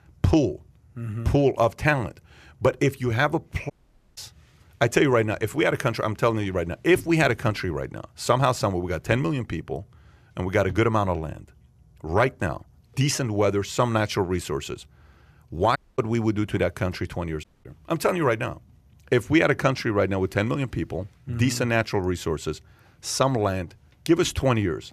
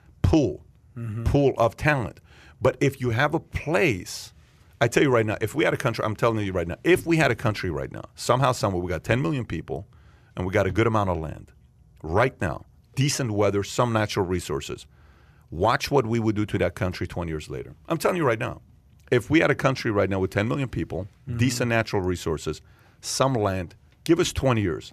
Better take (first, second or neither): second